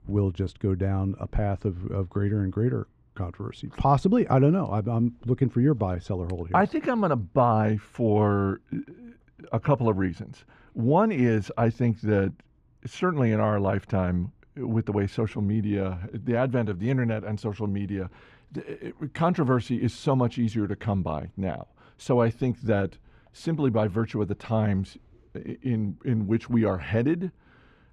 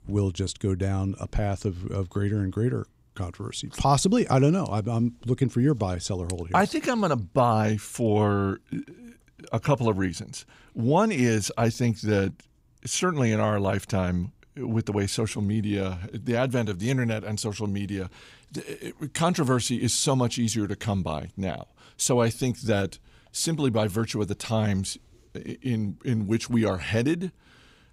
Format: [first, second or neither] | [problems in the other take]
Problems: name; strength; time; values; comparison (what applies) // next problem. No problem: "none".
second | muffled; very; fading above 4 kHz